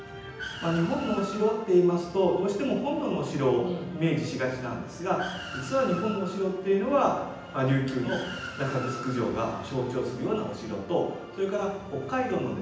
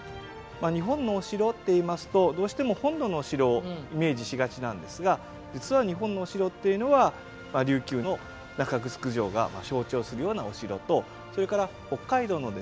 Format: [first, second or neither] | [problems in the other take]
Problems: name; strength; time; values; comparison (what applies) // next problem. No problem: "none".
second | background sound (Car); 14 dB below the speech // room echo; dies away in 0.9 s